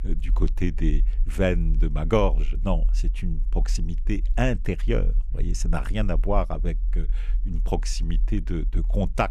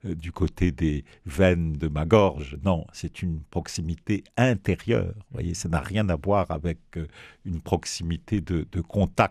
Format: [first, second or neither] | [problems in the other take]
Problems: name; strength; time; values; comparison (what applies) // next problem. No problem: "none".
second | low rumble; faint; throughout; 25 dB below the speech